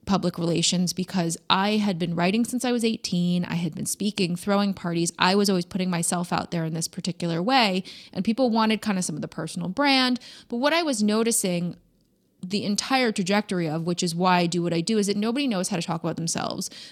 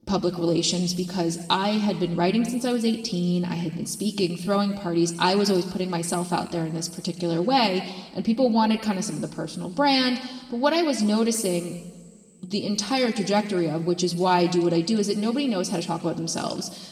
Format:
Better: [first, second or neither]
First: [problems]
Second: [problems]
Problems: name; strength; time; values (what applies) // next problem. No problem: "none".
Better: first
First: none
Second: room echo; noticeable; dies away in 1.3 s // off-mic speech; far